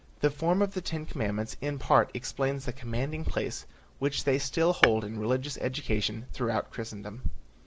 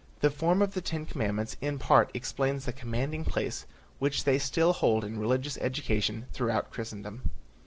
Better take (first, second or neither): second